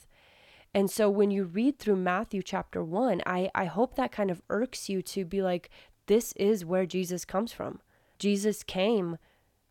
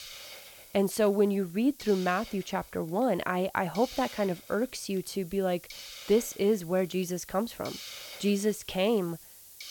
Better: first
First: none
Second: hiss; noticeable; throughout; 15 dB below the speech

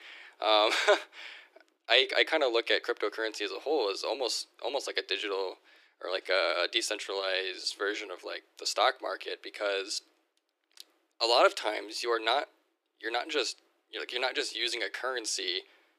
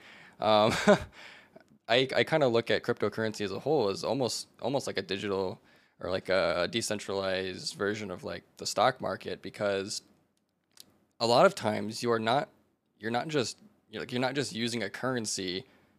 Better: second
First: thin; very; fading below 300 Hz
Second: none

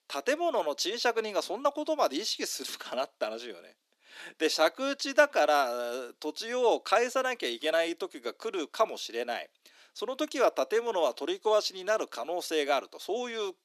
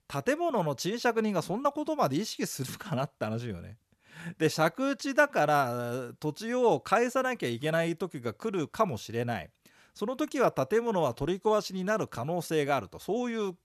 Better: second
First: thin; somewhat; fading below 300 Hz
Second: none

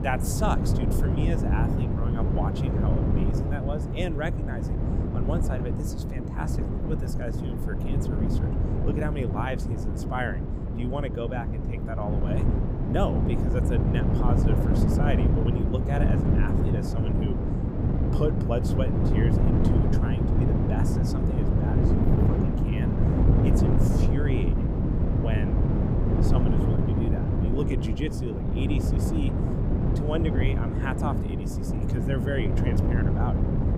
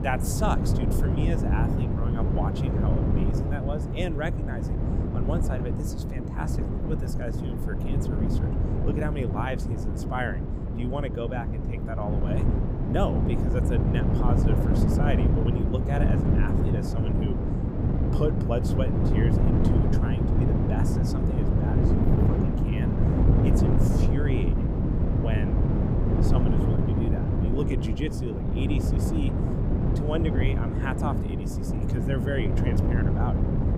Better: neither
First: wind noise on the microphone; heavy; 1 dB above the speech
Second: wind noise on the microphone; heavy; 1 dB above the speech

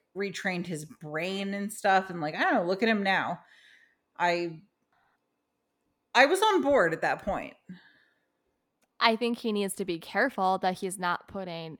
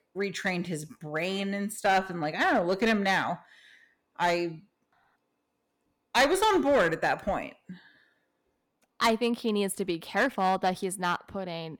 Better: first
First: none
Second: distortion; slight; 3% of the sound clipped

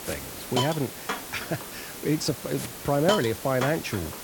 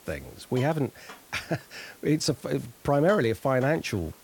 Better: second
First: hiss; loud; throughout; 5 dB below the speech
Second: hiss; faint; throughout; 20 dB below the speech

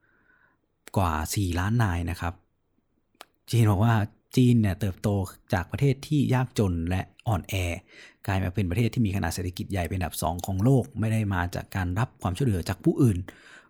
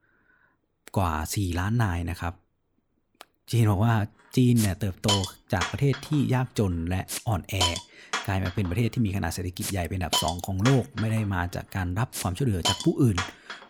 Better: first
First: none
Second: hiss; loud; from 4 s on; 4 dB below the speech

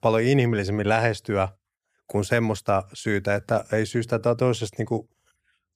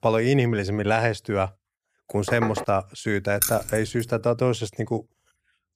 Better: first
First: none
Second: door banging; noticeable; at 2.5 s; peak 5 dB below the speech // jangling keys; noticeable; at 3.5 s; peak level with the speech

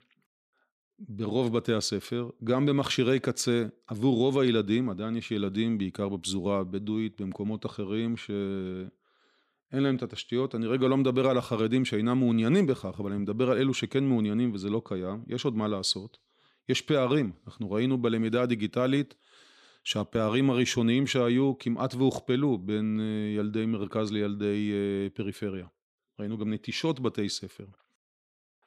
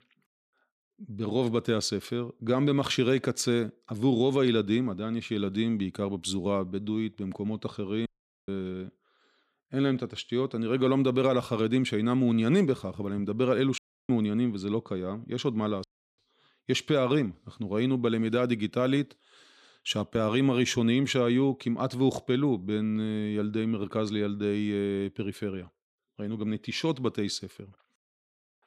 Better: first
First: none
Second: audio cutting out; at 8 s, at 14 s and at 16 s

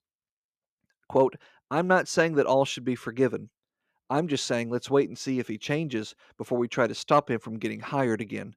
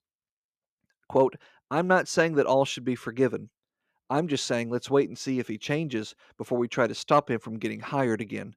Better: neither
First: none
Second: none

